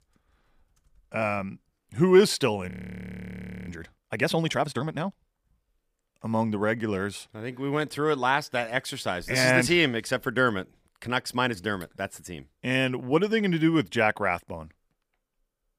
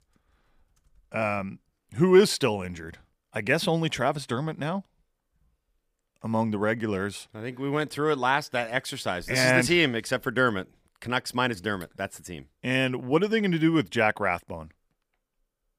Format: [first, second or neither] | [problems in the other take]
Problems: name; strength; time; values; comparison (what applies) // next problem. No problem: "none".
second | audio freezing; at 2.5 s for 1 s